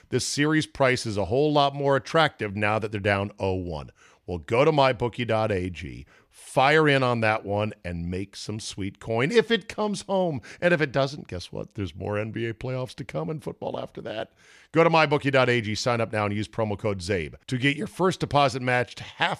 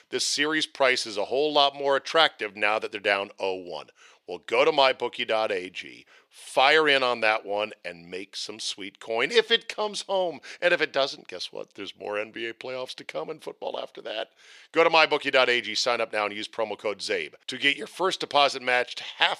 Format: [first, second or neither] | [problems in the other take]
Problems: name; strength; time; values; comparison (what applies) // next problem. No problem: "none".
first | thin; somewhat; fading below 450 Hz